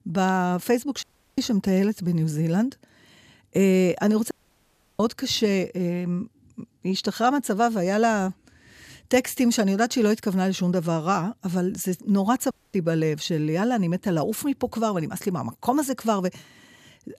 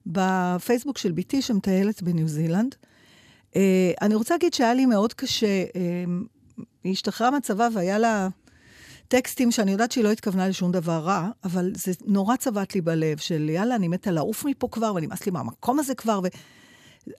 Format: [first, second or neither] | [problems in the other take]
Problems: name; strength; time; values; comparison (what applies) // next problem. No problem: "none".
second | audio cutting out; at 1 s, at 4.5 s for 0.5 s and at 13 s